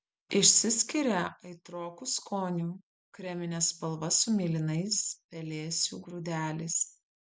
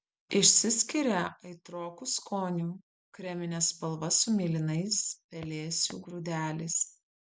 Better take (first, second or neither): first